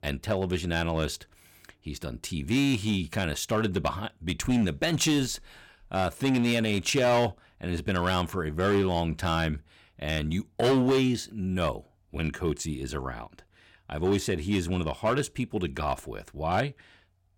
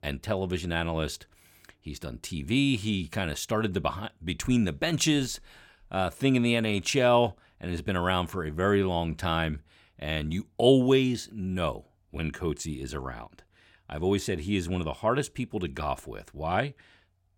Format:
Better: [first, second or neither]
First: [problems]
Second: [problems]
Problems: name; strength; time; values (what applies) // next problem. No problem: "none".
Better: second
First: distortion; slight; 5% of the sound clipped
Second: none